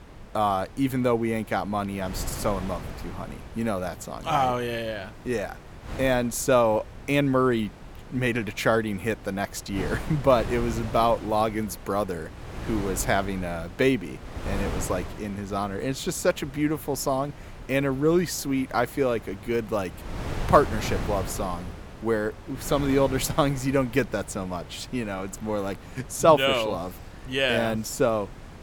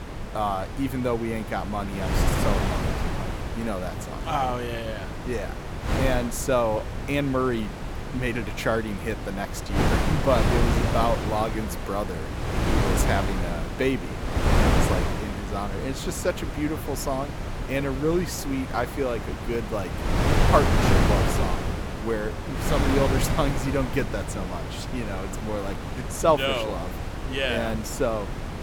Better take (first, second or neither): first